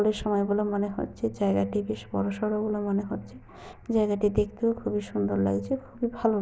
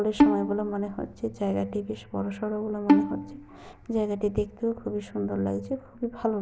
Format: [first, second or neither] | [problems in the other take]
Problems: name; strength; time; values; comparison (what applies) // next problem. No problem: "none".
first | background sound (Bowed string instrument); 2 dB above the speech